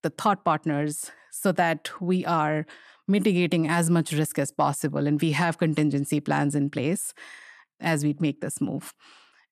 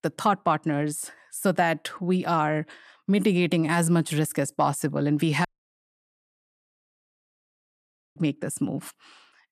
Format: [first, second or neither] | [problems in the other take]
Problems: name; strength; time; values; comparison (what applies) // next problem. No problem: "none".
first | audio cutting out; at 5.5 s for 2.5 s